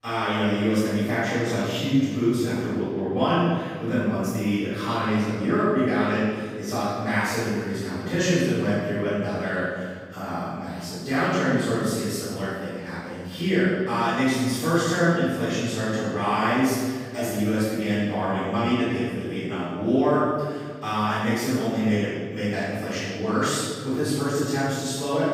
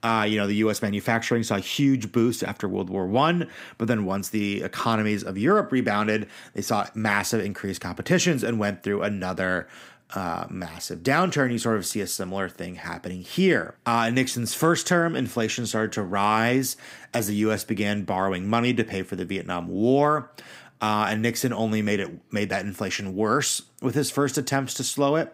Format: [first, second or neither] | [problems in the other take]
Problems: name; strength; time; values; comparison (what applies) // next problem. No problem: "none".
second | off-mic speech; far // room echo; strong; dies away in 1.6 s